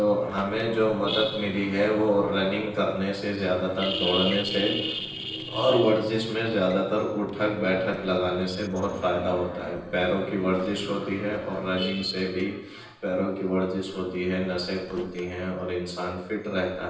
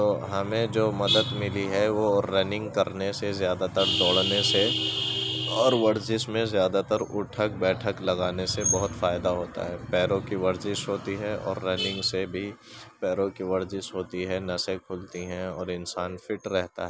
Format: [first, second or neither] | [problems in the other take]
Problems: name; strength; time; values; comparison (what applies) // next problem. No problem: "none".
second | noise reduction (neural separator model SepFormer DNS4)